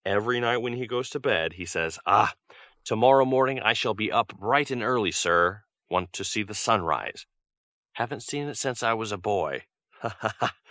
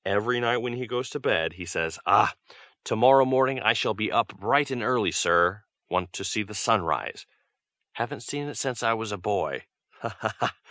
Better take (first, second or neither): second